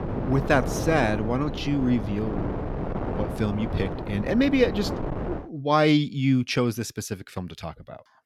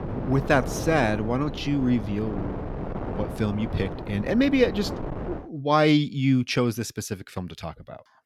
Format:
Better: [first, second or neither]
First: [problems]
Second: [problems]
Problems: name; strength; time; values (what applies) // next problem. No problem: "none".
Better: second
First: wind noise on the microphone; heavy; until 5.5 s; 8 dB below the speech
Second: wind noise on the microphone; occasional gusts; until 5.5 s; 10 dB below the speech